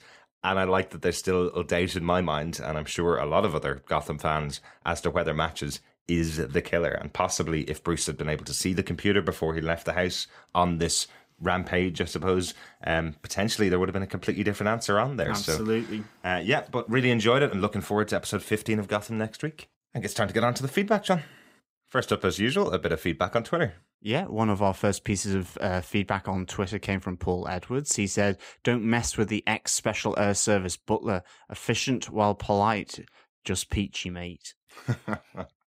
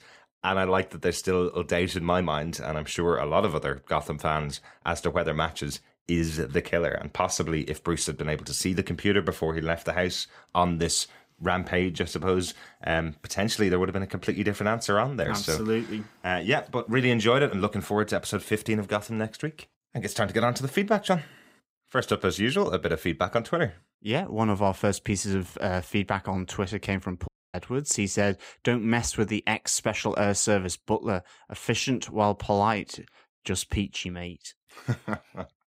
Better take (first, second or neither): first